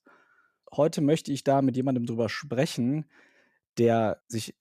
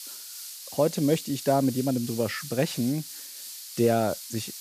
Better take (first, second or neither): first